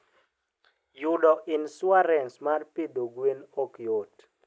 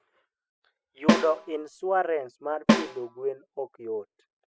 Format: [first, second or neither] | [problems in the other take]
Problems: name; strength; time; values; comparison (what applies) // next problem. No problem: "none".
first | noise reduction (classical method spectral subtraction)